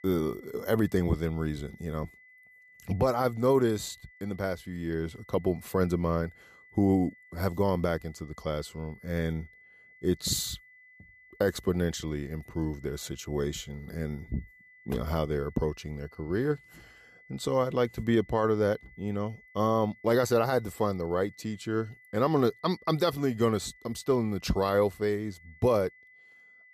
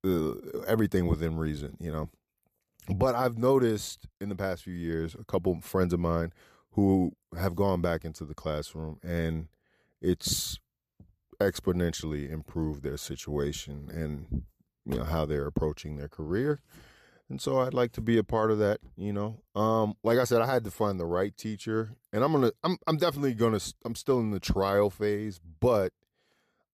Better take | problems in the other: second | high-pitched whine; faint; throughout; 2 kHz, 25 dB below the speech

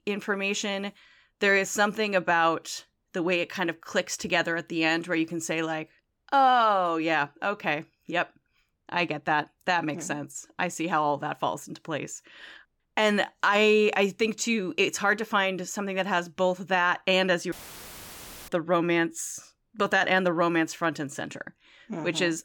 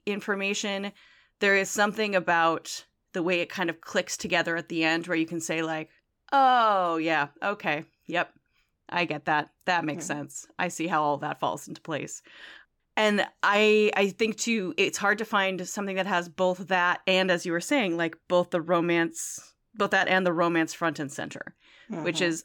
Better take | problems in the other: second | audio cutting out; filled with static; at 18 s for 1 s

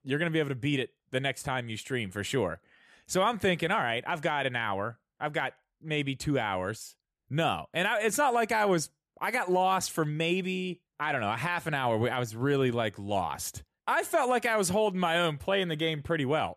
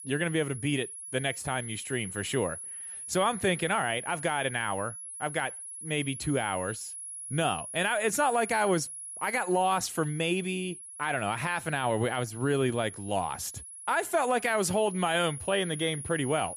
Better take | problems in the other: first | high-pitched whine; loud; throughout; 10.5 kHz, 9 dB below the speech

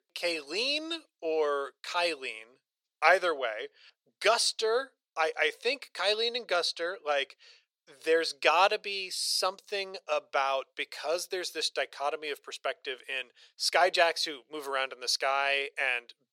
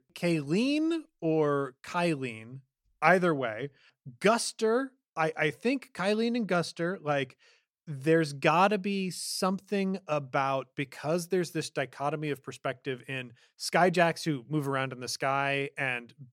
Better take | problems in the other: second | thin; very; fading below 450 Hz

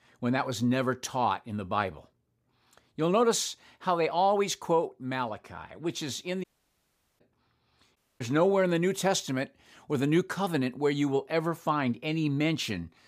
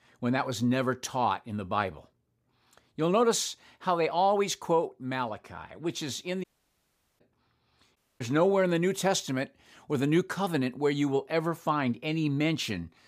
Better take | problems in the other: neither | audio cutting out; at 6.5 s for 1 s and at 8 s; the same in both

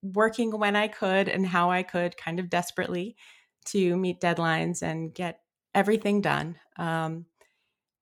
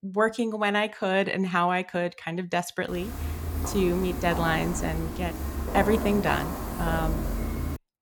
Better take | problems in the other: first | footsteps; noticeable; from 3 s on; peak 2 dB below the speech

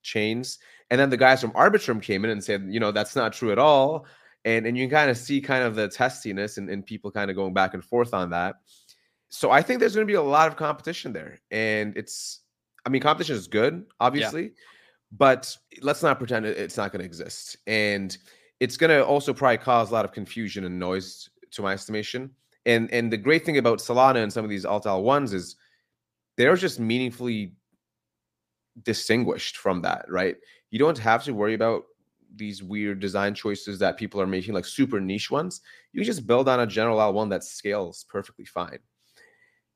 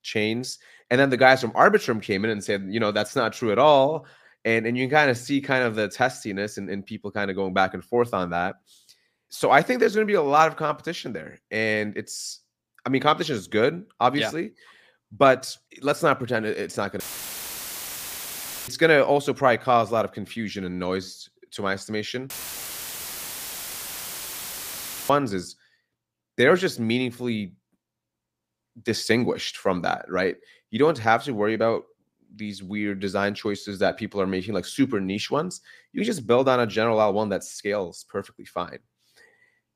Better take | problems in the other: first | audio cutting out; filled with static; at 17 s for 1.5 s and at 22 s for 3 s

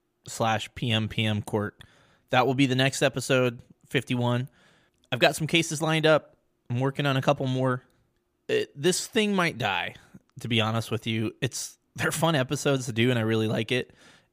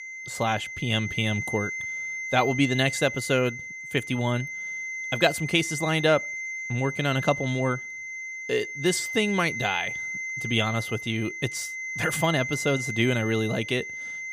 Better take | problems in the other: first | high-pitched whine; loud; throughout; 2 kHz, 6 dB below the speech

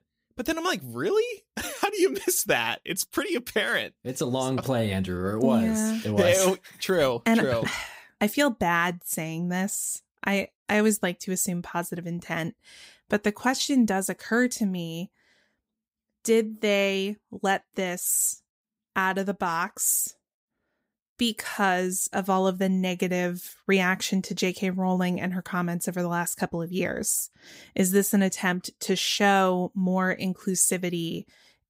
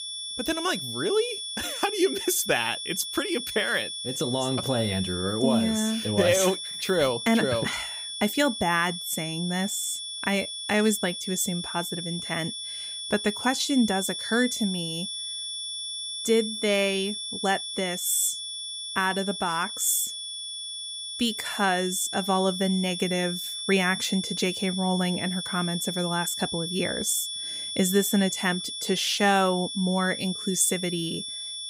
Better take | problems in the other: first | high-pitched whine; loud; throughout; 3.5 kHz, 5 dB below the speech

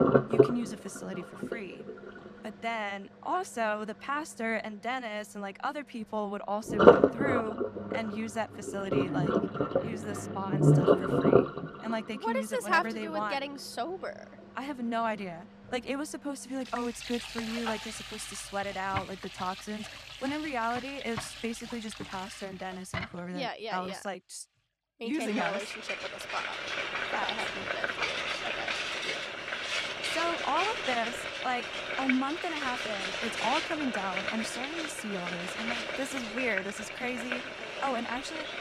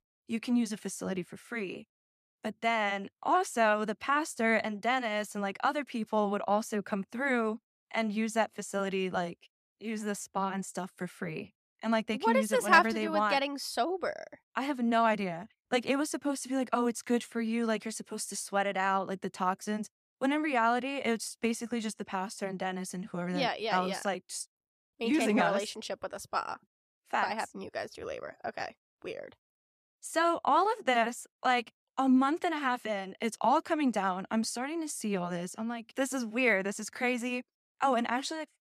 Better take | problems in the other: second | household noises; very loud; throughout; 4 dB above the speech

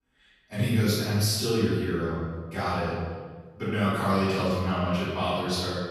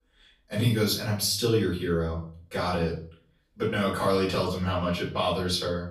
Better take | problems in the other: second | room echo; strong; dies away in 1.4 s; slight in the second // off-mic speech; far; far in the second

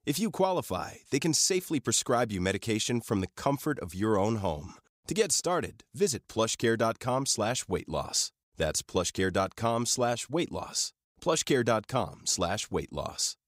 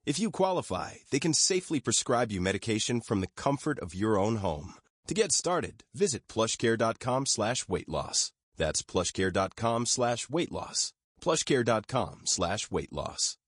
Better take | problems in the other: first | garbled, watery; slightly; nothing above 10 kHz

